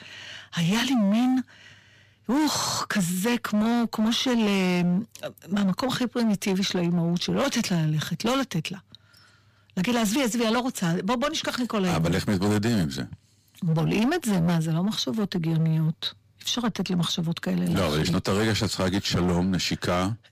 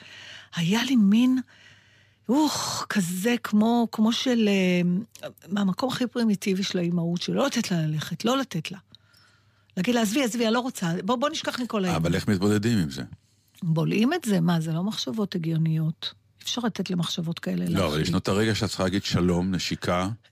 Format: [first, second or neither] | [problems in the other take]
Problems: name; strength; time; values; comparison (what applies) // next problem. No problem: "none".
second | distortion; slight; 17% of the sound clipped